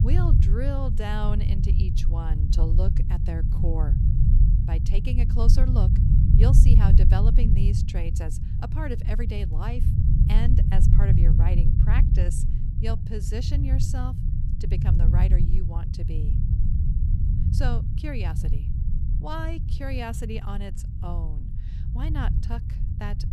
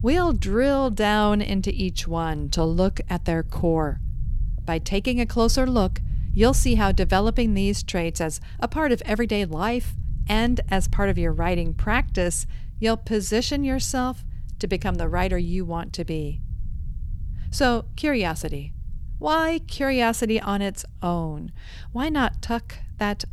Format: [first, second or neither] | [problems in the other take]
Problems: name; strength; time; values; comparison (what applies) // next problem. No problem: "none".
second | low rumble; loud; throughout; 2 dB below the speech; faint in the second